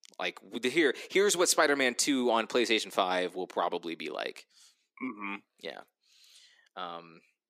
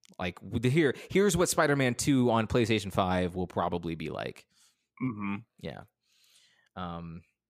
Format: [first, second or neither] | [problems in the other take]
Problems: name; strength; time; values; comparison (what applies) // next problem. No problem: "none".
second | thin; somewhat; fading below 300 Hz